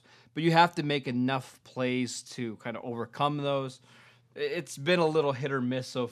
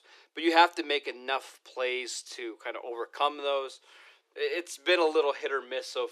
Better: first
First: none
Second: thin; very; fading below 300 Hz

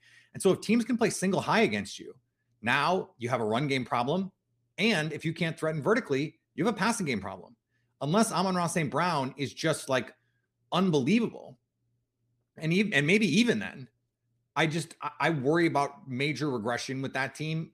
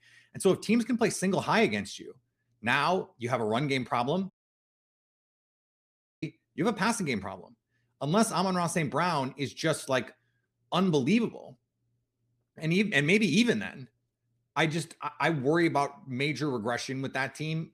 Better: first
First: none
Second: audio cutting out; at 4.5 s for 2 s

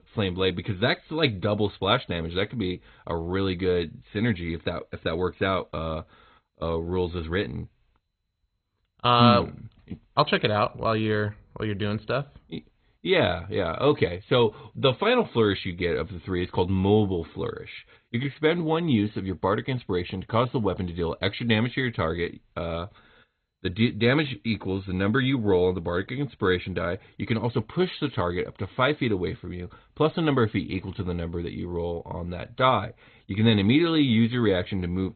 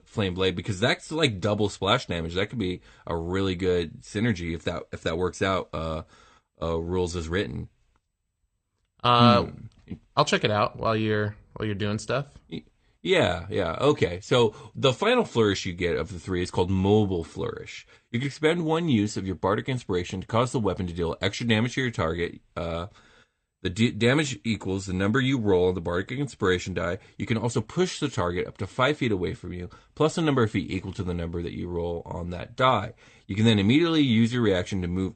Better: second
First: garbled, watery; badly; nothing above 4 kHz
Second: garbled, watery; slightly; nothing above 8.5 kHz

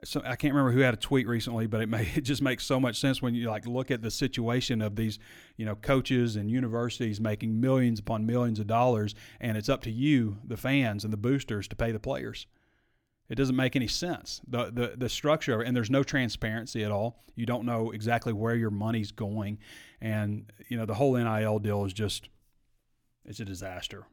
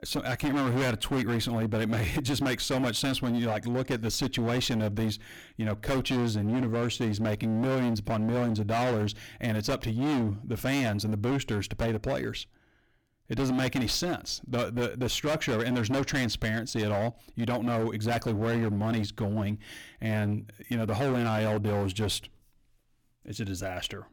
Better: first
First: none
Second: distortion; heavy; 23% of the sound clipped

